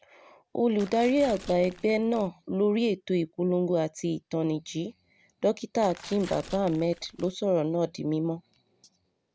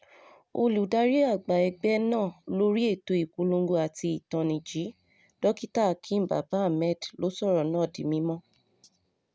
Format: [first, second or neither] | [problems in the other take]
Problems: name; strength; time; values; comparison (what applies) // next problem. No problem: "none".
second | background sound (Tearing); 17 dB below the speech